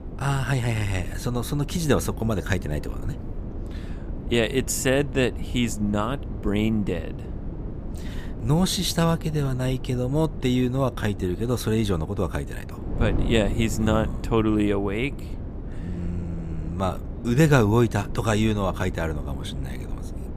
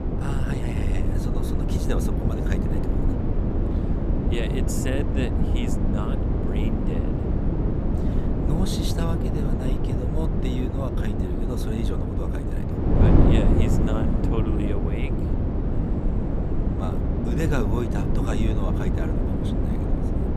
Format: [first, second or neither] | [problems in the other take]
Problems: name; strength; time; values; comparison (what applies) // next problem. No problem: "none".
first | wind noise on the microphone; heavy; 3 dB above the speech; occasional gusts in the first